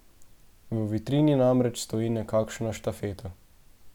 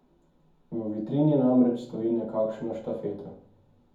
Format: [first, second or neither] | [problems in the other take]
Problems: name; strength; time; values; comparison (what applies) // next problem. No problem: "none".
first | room echo; dies away in 0.6 s